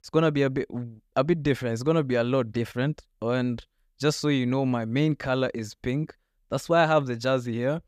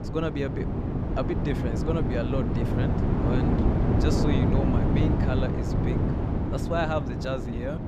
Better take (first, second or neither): first